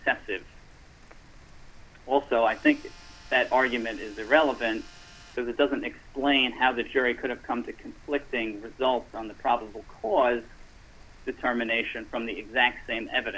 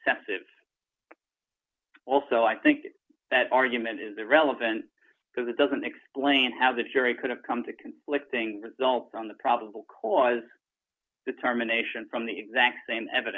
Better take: second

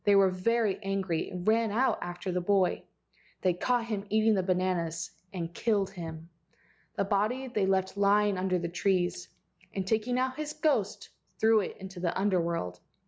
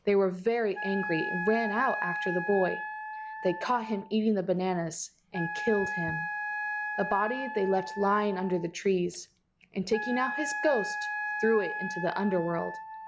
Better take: first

